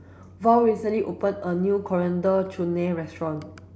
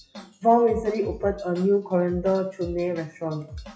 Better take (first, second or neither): first